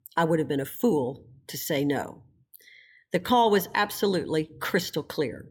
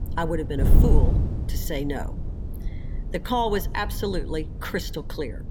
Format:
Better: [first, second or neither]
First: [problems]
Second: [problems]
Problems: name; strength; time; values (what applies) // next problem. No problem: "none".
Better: first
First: none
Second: wind noise on the microphone; occasional gusts; 10 dB below the speech